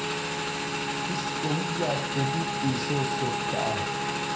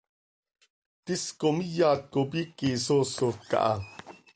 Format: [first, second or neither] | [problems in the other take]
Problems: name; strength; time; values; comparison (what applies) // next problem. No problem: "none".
second | background sound (Motorcycle / Engine); 3 dB above the speech // room echo; dies away in 0.5 s